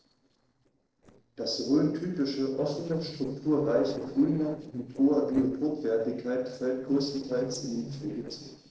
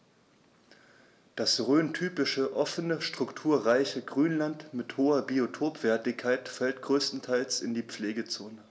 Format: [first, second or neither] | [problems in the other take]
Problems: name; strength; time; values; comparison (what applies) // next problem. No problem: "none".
second | noise reduction (neural separator model SepFormer DNS4)